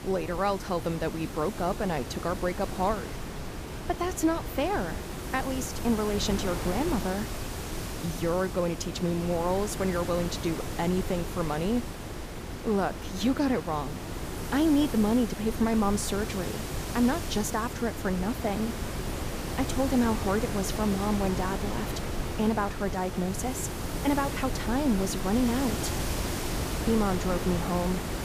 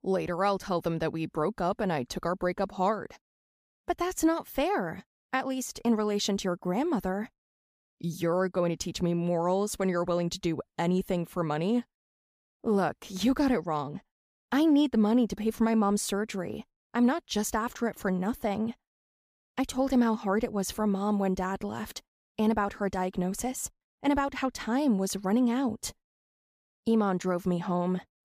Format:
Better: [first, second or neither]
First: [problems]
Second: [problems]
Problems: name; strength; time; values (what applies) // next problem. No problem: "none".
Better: second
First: wind noise on the microphone; heavy; 6 dB below the speech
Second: none